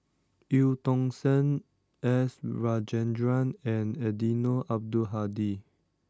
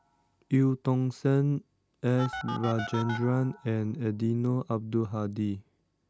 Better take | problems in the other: first | background sound (Telephone); 15 dB below the speech

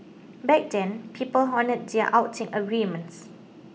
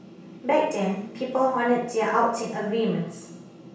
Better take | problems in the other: first | room echo; dies away in 0.7 s

